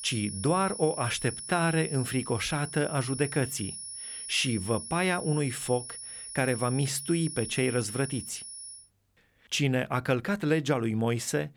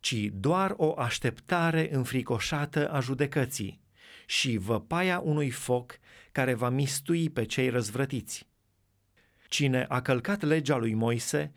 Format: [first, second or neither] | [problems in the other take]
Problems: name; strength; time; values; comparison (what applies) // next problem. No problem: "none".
second | high-pitched whine; loud; until 9 s; 10.5 kHz, 8 dB below the speech